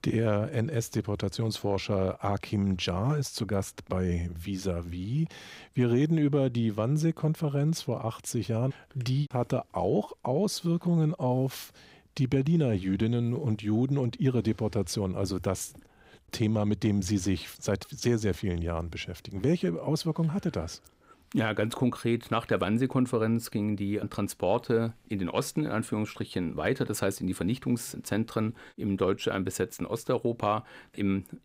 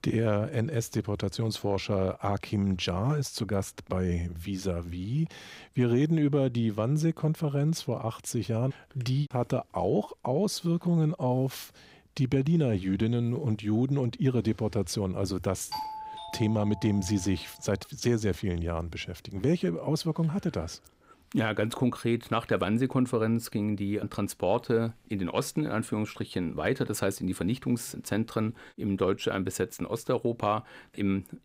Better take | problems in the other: first | doorbell; noticeable; from 16 to 17 s; peak 7 dB below the speech

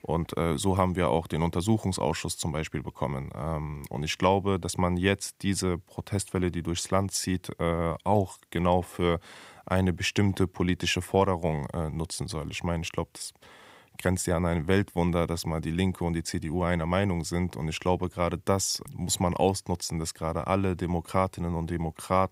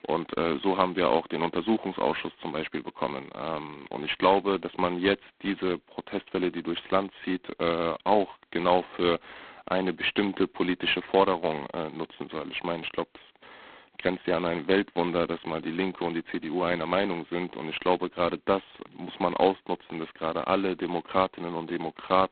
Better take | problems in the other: first | phone-call audio; poor line; nothing above 4 kHz

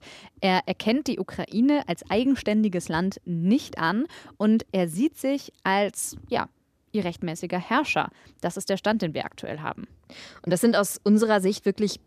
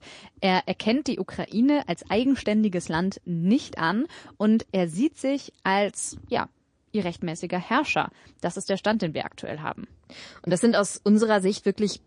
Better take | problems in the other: first | garbled, watery; slightly

